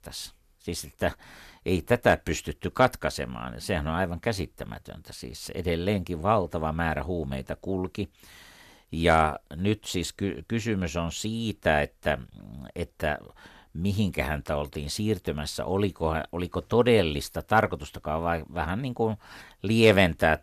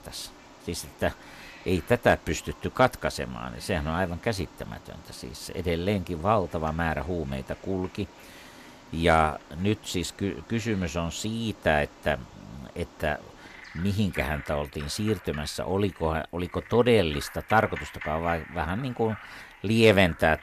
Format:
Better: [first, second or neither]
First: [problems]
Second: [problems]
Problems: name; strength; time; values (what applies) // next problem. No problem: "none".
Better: first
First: none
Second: animal sounds; noticeable; throughout; 20 dB below the speech